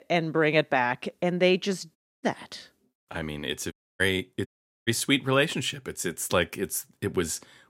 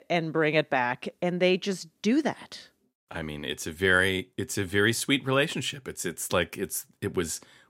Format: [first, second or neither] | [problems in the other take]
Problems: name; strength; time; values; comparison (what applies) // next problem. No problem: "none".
second | audio cutting out; at 2 s, at 3.5 s and at 4.5 s